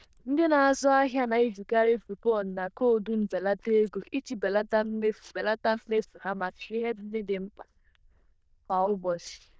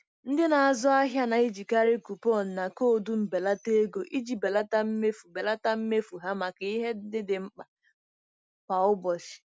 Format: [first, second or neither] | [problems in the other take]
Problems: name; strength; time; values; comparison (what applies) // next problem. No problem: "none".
second | noise reduction (neural diffusion model UNIVERSE++)